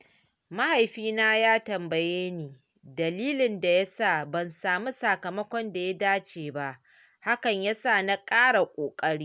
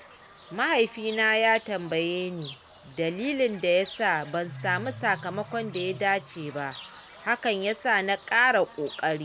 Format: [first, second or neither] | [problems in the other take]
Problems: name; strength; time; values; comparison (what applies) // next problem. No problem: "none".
first | background sound (Bird / Fowl); 18 dB below the speech